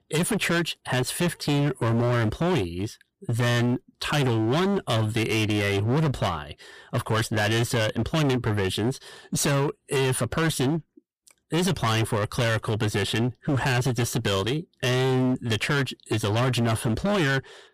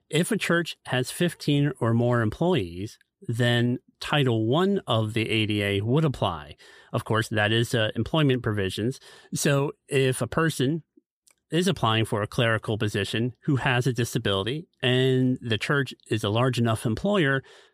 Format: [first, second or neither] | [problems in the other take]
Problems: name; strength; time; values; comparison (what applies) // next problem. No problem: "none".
second | distortion; heavy; 23% of the sound clipped